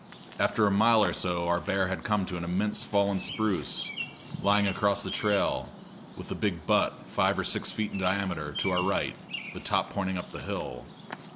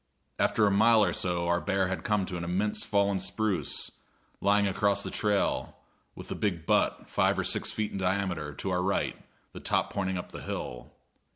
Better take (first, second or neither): second